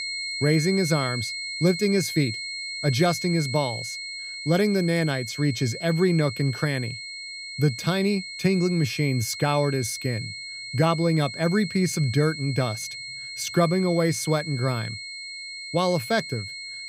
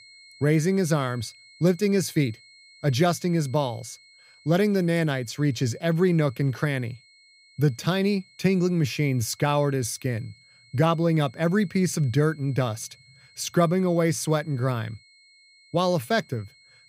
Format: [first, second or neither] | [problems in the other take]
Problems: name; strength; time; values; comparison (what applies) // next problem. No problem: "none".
second | high-pitched whine; loud; throughout; 2 kHz, 8 dB below the speech; faint in the second